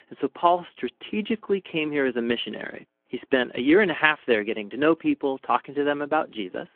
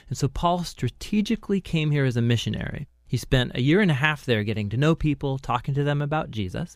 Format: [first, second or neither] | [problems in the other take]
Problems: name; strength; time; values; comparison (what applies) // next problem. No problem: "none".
second | phone-call audio